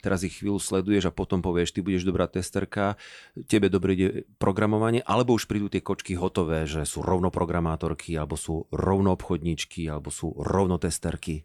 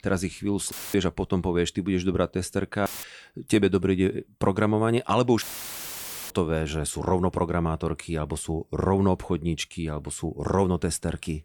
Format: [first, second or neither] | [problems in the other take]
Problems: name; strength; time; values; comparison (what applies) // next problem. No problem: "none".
first | audio cutting out; filled with static; at 0.5 s, at 3 s and at 5.5 s for 1 s